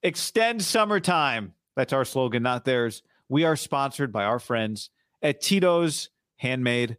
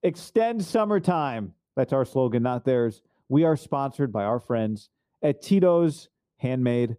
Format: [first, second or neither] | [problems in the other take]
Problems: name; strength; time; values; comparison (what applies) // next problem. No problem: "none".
first | muffled; slightly; fading above 1 kHz